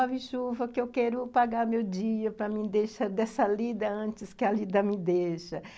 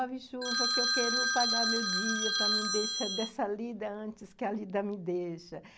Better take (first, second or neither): first